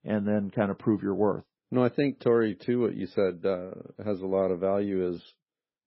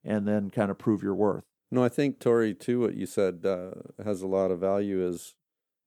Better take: second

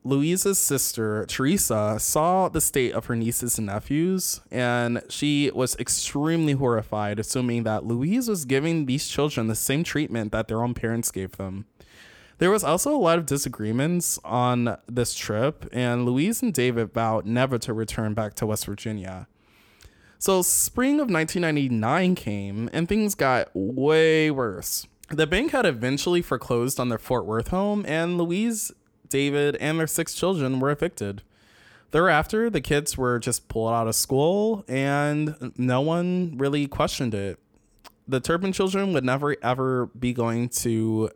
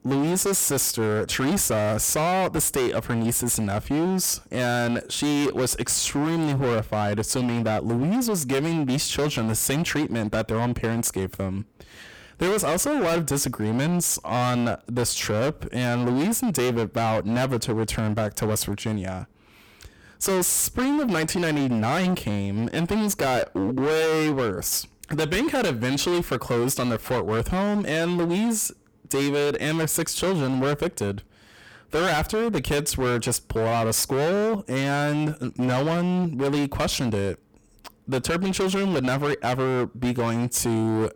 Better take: first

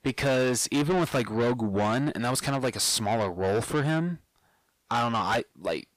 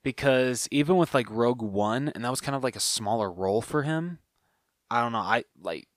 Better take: second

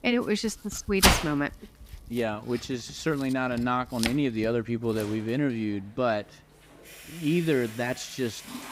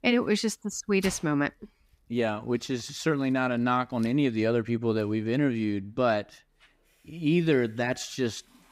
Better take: second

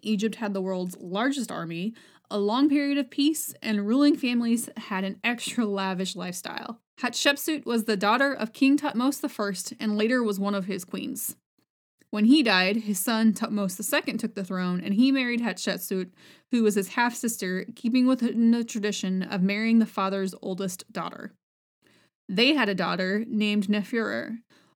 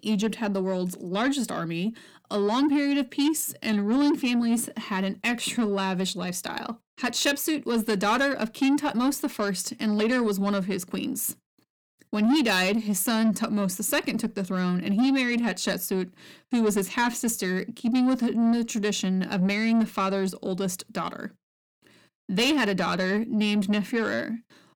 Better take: first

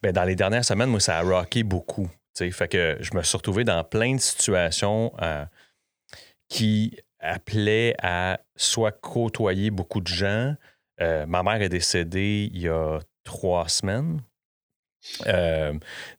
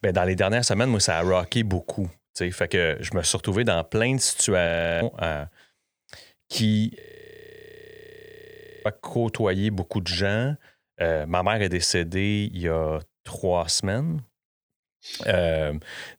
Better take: first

